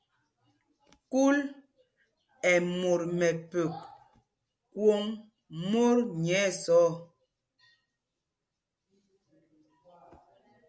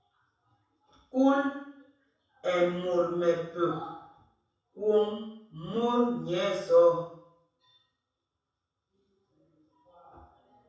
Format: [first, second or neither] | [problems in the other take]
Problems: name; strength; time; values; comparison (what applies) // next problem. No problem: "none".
first | room echo; dies away in 0.7 s